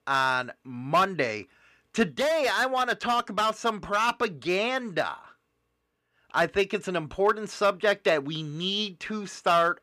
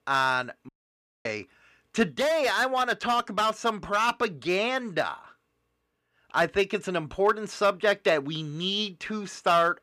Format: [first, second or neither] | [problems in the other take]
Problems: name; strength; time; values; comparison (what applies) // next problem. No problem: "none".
first | audio cutting out; at 0.5 s for 0.5 s